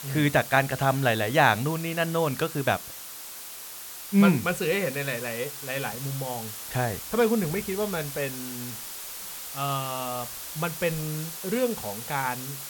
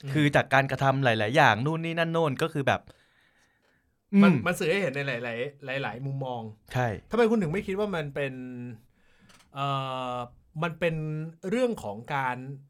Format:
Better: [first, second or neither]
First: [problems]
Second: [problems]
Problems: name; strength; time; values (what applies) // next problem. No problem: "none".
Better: second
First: hiss; loud; throughout; 9 dB below the speech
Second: none